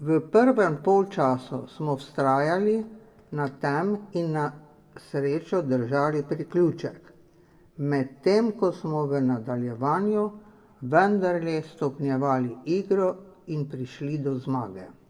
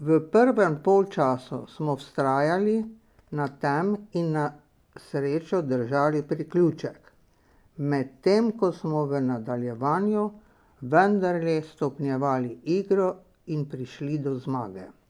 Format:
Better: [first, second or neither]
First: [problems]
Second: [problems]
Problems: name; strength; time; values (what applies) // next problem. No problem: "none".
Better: second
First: room echo; dies away in 0.9 s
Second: none